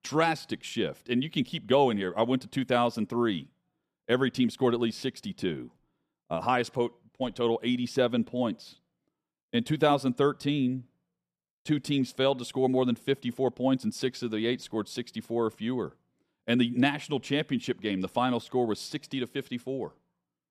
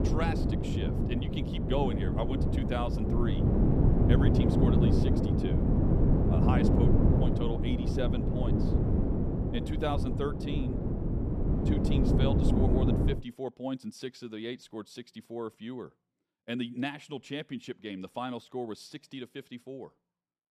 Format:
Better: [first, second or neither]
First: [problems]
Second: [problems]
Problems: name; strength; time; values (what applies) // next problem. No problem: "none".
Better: first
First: none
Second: wind noise on the microphone; heavy; until 13 s; 3 dB above the speech